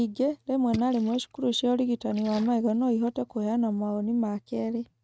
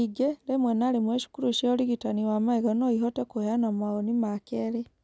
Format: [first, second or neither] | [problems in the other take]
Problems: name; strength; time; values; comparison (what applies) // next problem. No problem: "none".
second | noise reduction (neural mask model RNNoise)